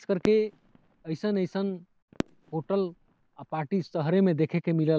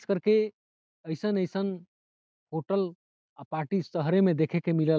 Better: second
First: background sound (Fireworks); 14 dB below the speech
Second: none

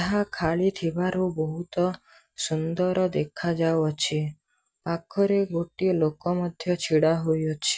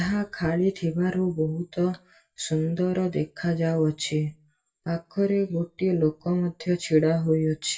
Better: first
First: none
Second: room echo; dies away in 0.1 s

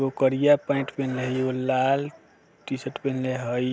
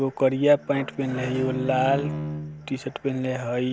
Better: first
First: none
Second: background sound (Bowed string instrument); 10 dB below the speech

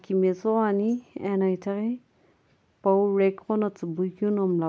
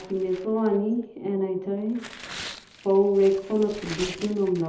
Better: first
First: none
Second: background sound (Tearing); 17 dB below the speech // room echo; dies away in 1.2 s

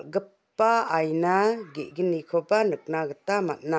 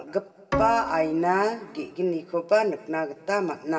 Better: first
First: none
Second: background sound (Bowed string instrument); 10 dB below the speech // room echo; dies away in 3 s

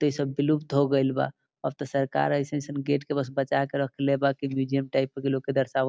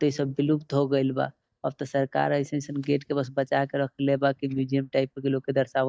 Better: first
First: none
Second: noise reduction (neural mask model DeepFilterNet 3)

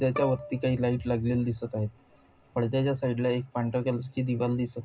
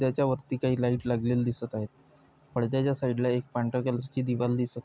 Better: second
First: background sound (Bowed string instrument); 16 dB below the speech // room echo; dies away in 0.2 s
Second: none

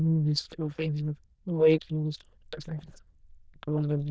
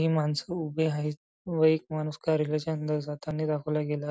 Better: second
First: noise reduction (neural diffusion model UNIVERSE++)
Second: none

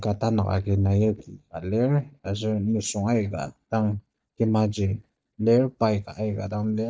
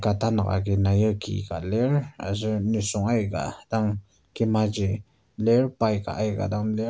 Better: second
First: noise reduction (neural mask model DeepFilterNet 3)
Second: none

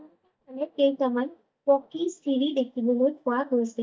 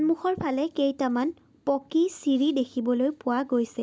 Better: second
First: noise reduction (neural mask model DeepFilterNet 3)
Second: none

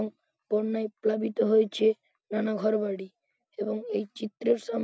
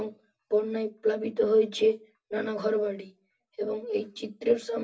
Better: first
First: none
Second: room echo; dies away in 0.2 s

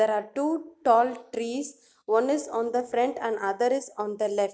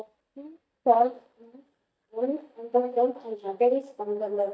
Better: first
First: none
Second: noise reduction (neural mask model DeepFilterNet 3)

